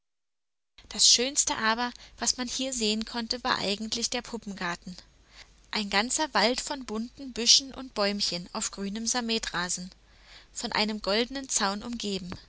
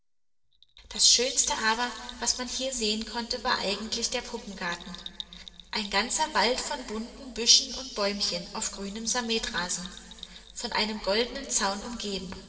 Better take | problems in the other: first | noise reduction (neural separator model SepFormer DNS4)

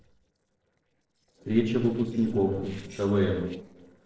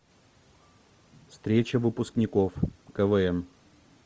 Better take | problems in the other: second | noise reduction (neural separator model SepFormer DNS4)

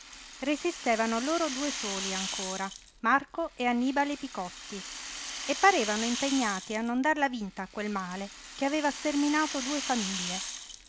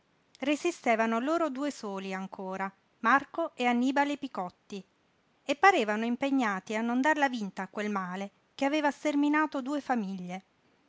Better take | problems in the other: second | background sound (Rattle (instrument)); 8 dB below the speech

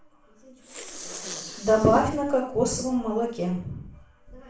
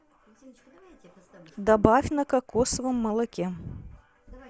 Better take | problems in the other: second | background sound (Respiratory sounds); 16 dB below the speech // room echo; dies away in 0.4 s

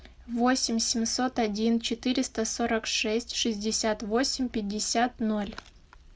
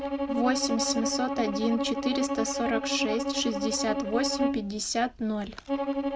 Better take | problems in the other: first | background sound (Bowed string instrument); 1 dB below the speech

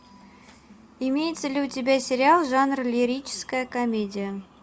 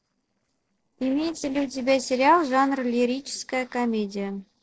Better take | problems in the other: first | noise reduction (neural separator model SepFormer DNS4)

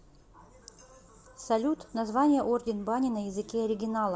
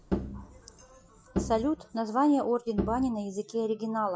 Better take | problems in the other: first | noise reduction (classical method Wiener filter)

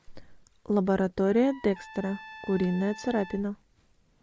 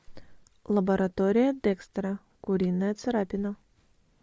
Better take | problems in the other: second | background sound (Trumpet); 19 dB below the speech

